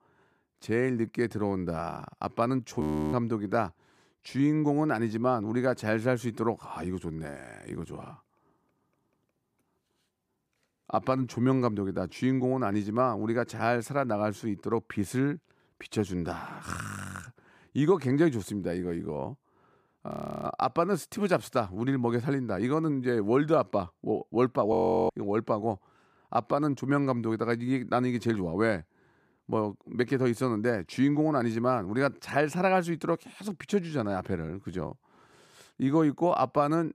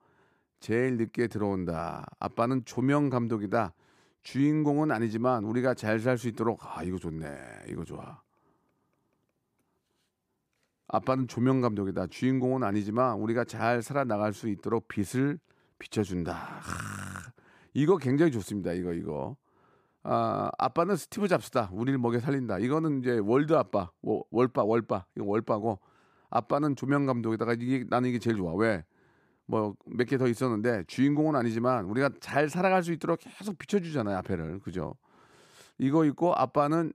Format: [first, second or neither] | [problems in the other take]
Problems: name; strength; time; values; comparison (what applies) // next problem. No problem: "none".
second | audio freezing; at 3 s, at 20 s and at 25 s